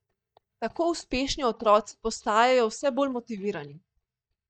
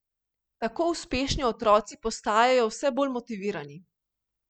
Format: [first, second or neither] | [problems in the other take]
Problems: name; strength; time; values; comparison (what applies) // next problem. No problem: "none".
second | noise reduction (neural mask model DeepFilterNet 3)